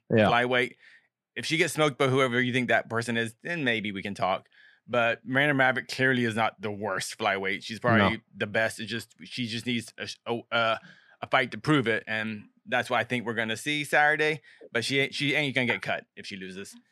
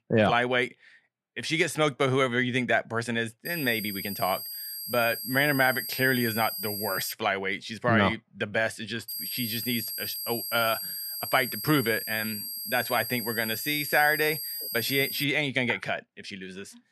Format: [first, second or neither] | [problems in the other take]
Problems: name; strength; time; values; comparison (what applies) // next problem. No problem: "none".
first | high-pitched whine; loud; from 3.5 to 7 s and from 9 to 15 s; 5 kHz, 5 dB below the speech